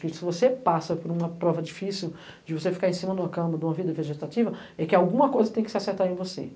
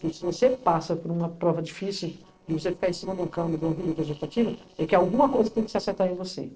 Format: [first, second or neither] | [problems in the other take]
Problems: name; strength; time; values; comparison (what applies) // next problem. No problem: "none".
first | noise reduction (neural separator model SepFormer DNS4)